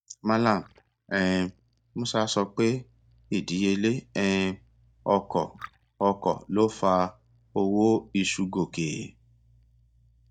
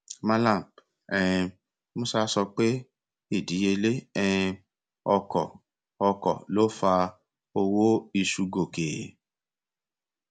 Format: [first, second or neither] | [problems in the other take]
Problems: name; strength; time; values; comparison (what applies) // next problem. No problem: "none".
second | noise reduction (neural mask model DeepFilterNet 3)